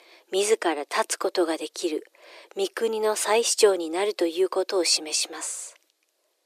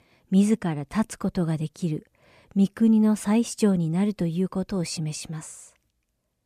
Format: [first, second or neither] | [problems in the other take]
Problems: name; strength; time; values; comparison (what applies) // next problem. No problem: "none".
second | thin; very; fading below 350 Hz